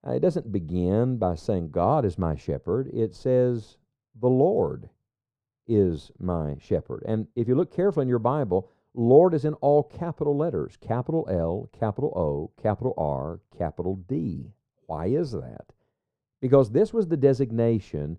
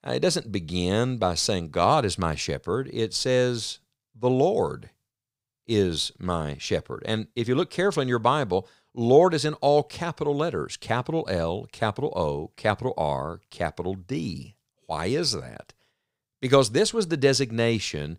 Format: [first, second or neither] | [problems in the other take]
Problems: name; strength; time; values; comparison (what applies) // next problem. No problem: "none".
second | muffled; very; fading above 1.5 kHz